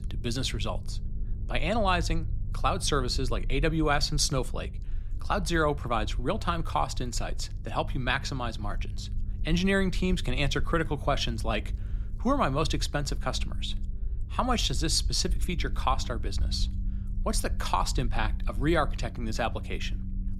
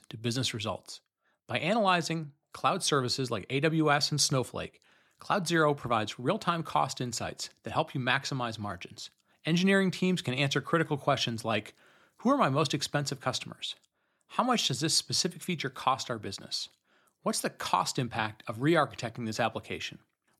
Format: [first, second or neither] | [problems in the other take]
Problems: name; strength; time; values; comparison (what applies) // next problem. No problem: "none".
second | low rumble; faint; throughout; 25 dB below the speech